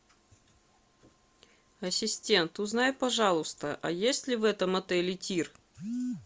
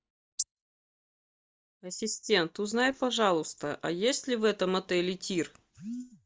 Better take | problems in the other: first | noise reduction (neural mask model DeepFilterNet 3)

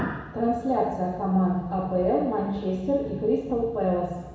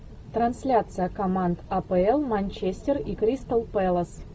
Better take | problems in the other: second | room echo; dies away in 1.1 s

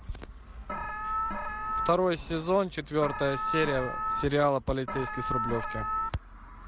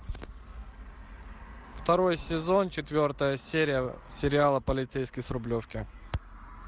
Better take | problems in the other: second | background sound (Alarm); 2 dB below the speech

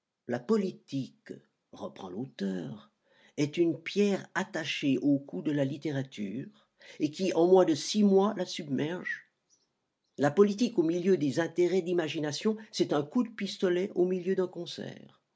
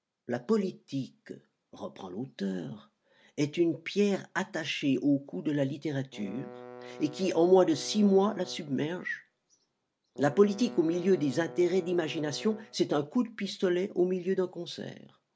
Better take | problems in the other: first | background sound (Bowed string instrument); 17 dB below the speech

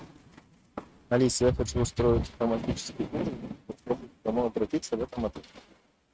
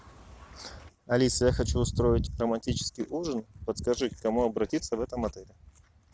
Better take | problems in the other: second | noise reduction (neural mask model RNNoise)

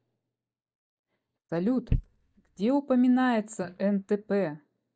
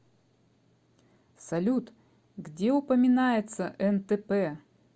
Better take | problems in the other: second | noise reduction (neural mask model DeepFilterNet 3)

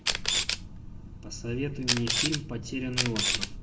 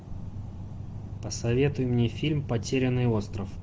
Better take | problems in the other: second | background sound (Camera); 2 dB above the speech // room echo; dies away in 0.9 s

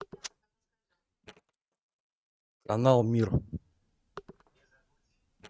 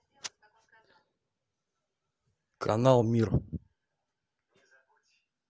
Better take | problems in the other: second | noise reduction (neural mask model RNNoise)

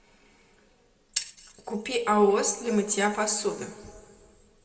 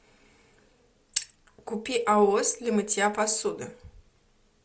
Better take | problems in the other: second | room echo; dies away in 1.6 s

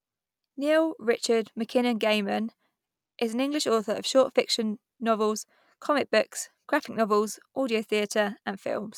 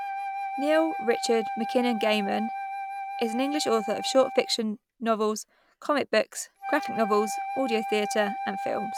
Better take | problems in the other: first | background sound (Wind instrument, woodwind instrument); 6 dB below the speech

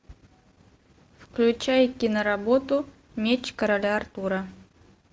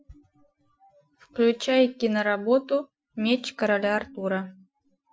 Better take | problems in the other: first | noise reduction (classical method Wiener filter)

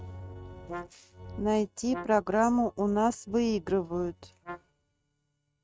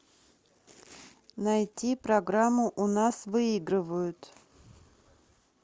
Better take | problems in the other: second | noise reduction (neural mask model RNNoise)

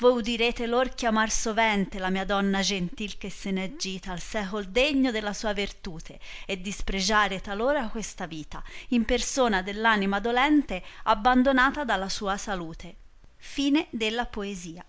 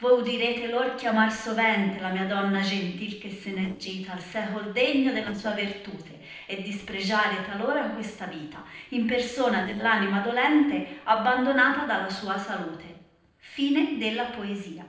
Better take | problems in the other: first | noise reduction (neural separator model SepFormer DNS4)

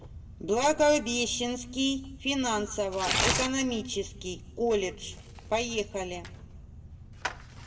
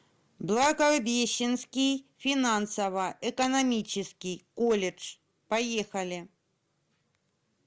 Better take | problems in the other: second | background sound (Tearing); 7 dB below the speech // room echo; dies away in 1 s

